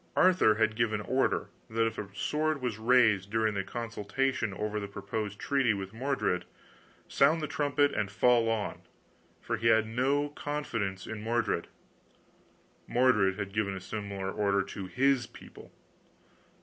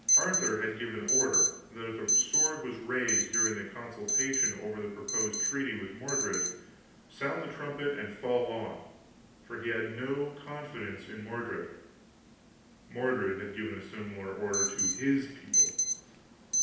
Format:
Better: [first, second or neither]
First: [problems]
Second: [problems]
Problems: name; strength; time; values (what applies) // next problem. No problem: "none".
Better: first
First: none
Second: background sound (Alarm); 2 dB above the speech // room echo; dies away in 0.8 s